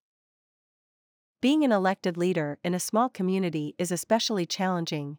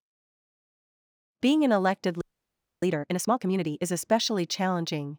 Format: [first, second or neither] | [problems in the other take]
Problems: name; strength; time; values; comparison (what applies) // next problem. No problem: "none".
first | audio freezing; at 2 s for 0.5 s